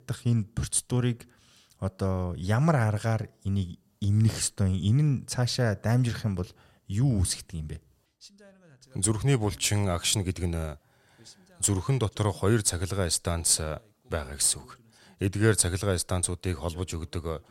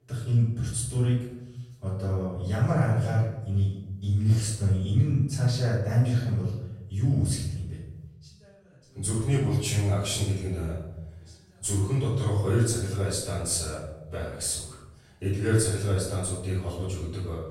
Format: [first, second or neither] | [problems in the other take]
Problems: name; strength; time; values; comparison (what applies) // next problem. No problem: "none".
first | room echo; noticeable; dies away in 0.9 s // off-mic speech; far